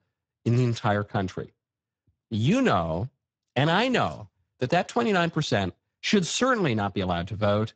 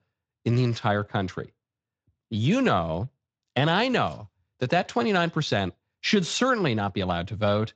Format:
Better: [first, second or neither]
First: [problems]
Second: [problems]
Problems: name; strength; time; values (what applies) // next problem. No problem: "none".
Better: second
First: garbled, watery; badly; nothing above 7.5 kHz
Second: garbled, watery; slightly; nothing above 7.5 kHz